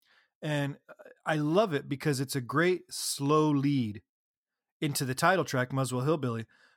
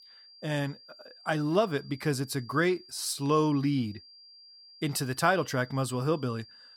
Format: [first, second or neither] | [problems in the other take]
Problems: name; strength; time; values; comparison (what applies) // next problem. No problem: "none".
first | high-pitched whine; faint; throughout; 4.5 kHz, 20 dB below the speech